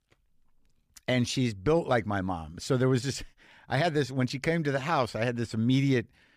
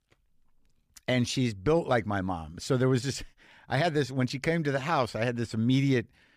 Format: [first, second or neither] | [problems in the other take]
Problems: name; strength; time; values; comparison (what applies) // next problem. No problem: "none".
neither | none